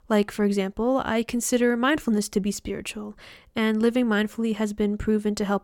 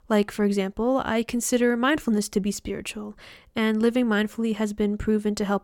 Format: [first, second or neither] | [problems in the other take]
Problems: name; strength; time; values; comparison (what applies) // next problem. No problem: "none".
neither | none